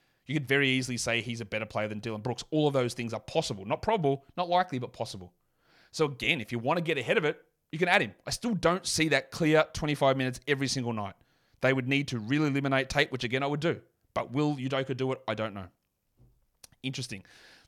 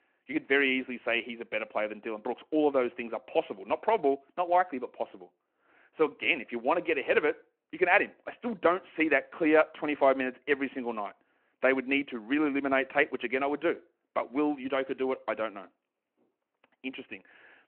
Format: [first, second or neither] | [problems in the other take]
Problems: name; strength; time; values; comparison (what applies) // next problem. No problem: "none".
first | phone-call audio